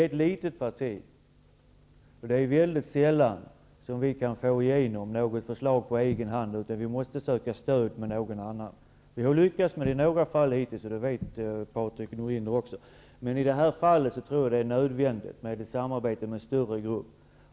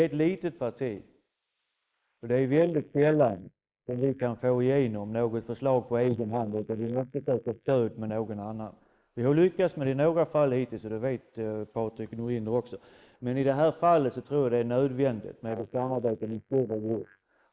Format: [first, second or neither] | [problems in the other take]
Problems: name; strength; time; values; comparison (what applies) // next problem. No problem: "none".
first | noise reduction (neural mask model Resemble Enhance denoiser)